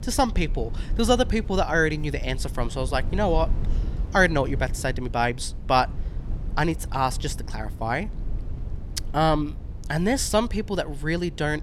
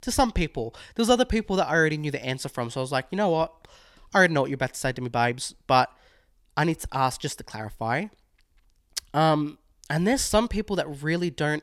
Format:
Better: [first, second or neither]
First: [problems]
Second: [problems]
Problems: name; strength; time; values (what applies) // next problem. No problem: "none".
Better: second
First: low rumble; faint; throughout; 20 dB below the speech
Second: none